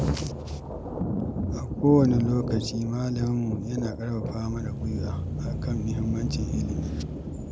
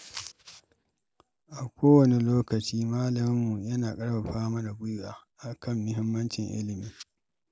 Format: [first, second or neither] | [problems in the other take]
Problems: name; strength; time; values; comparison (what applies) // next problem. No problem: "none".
second | background sound (Thunder + Engine starting / Accelerating, revving, vroom / Motor vehicle (road)); 2 dB below the speech